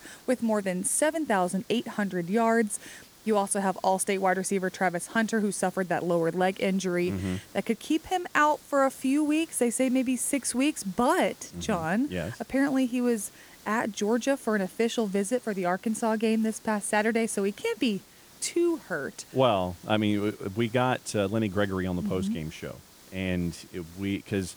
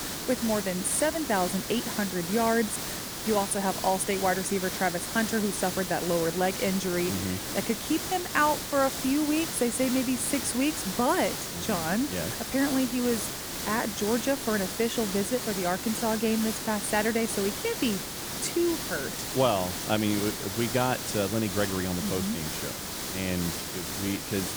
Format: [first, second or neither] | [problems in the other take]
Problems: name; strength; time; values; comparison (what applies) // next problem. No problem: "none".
first | hiss; loud; throughout; 4 dB below the speech; faint in the first